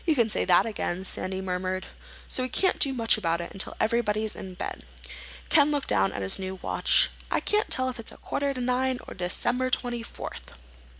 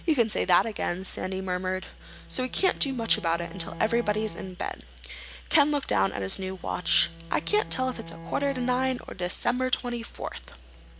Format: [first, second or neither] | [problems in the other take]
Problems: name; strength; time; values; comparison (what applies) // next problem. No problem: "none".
first | background sound (Bowed string instrument); 17 dB below the speech